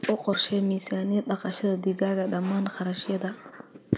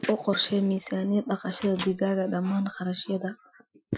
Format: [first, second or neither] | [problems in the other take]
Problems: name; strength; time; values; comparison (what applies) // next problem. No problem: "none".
first | noise reduction (classical method Wiener filter)